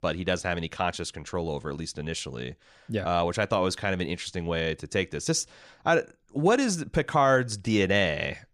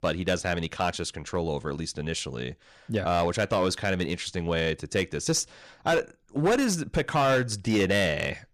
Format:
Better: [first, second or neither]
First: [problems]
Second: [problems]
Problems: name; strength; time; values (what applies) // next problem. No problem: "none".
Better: first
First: none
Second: distortion; slight; 6% of the sound clipped